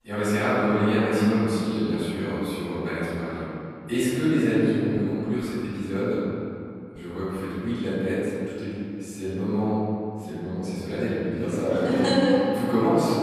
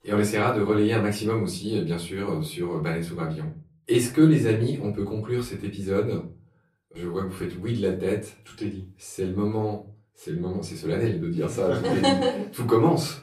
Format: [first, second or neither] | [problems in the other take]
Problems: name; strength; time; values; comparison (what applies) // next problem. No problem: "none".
second | room echo; strong; dies away in 2.4 s; slight in the second // off-mic speech; far; far in the second